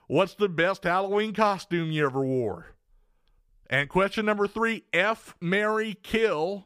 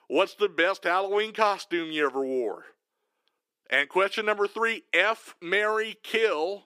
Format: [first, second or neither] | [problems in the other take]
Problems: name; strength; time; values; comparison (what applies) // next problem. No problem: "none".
first | thin; somewhat; fading below 300 Hz